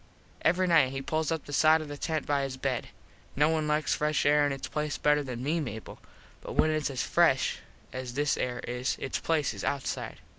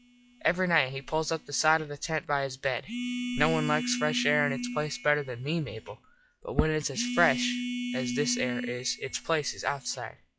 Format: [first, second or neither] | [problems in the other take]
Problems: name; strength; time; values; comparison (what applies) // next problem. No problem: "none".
first | noise reduction (classical method log-MMSE)